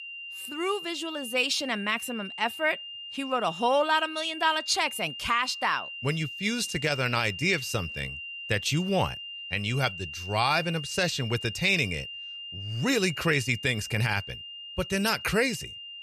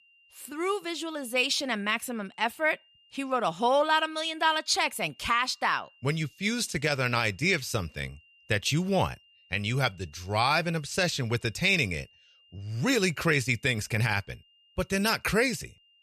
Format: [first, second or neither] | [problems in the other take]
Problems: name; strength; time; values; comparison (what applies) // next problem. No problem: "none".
second | high-pitched whine; loud; throughout; 3 kHz, 9 dB below the speech; faint in the second